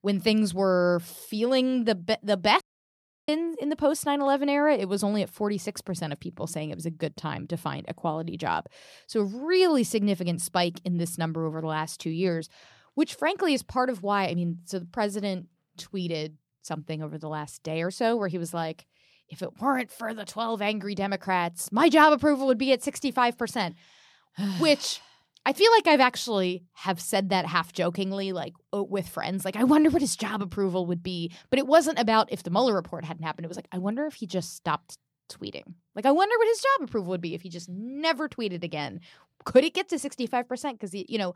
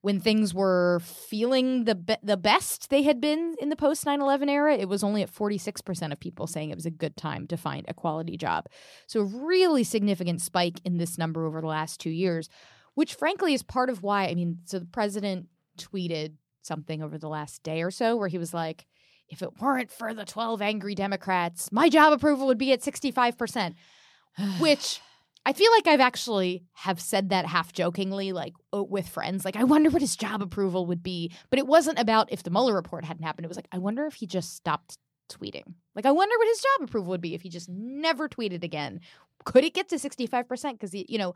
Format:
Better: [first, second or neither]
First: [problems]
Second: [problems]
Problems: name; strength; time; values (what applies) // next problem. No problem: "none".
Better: second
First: audio cutting out; at 2.5 s for 0.5 s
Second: none